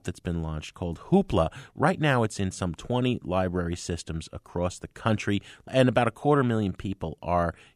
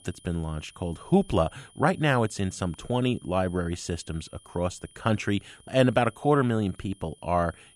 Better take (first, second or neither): first